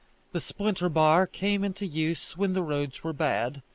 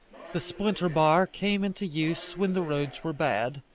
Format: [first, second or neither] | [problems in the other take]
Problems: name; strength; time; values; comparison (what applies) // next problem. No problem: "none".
first | background sound (Subway, metro, underground); 20 dB below the speech